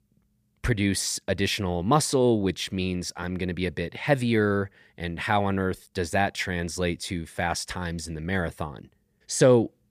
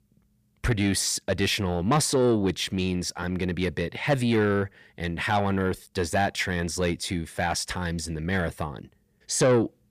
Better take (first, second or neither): first